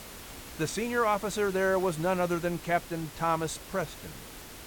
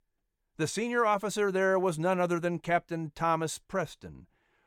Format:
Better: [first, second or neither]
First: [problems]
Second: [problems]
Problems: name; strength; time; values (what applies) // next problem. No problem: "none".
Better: second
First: hiss; noticeable; throughout; 15 dB below the speech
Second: none